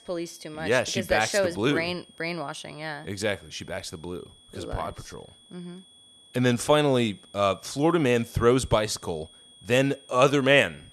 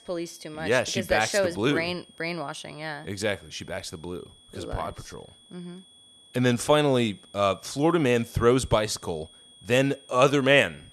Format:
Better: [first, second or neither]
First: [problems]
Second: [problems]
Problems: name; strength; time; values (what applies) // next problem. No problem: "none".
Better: neither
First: high-pitched whine; faint; throughout; 3.5 kHz, 25 dB below the speech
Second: high-pitched whine; faint; throughout; 3.5 kHz, 25 dB below the speech